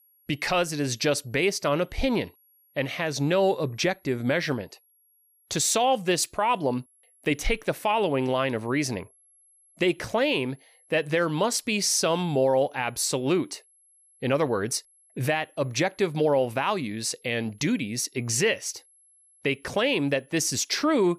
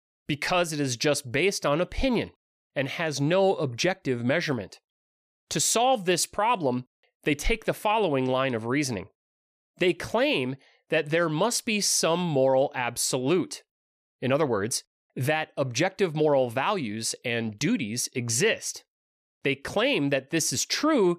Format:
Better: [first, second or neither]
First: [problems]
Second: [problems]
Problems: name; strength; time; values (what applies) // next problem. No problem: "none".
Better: second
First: high-pitched whine; faint; throughout; 11 kHz, 35 dB below the speech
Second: none